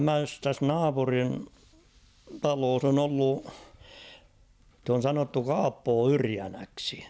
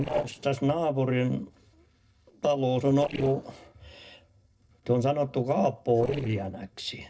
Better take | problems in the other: first | noise reduction (neural separator model SepFormer DNS4)

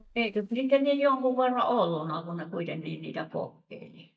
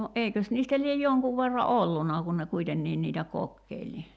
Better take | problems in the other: second | noise reduction (neural mask model DeepFilterNet 3)

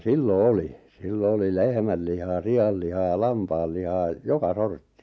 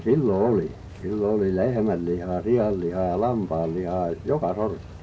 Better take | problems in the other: first | background sound (Rain); 17 dB below the speech // room echo; dies away in 0.2 s

